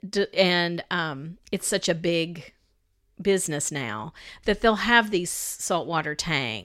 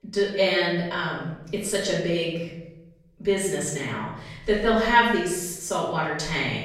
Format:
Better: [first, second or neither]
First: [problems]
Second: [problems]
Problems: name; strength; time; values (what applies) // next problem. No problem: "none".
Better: first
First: none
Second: off-mic speech; far // room echo; noticeable; dies away in 0.9 s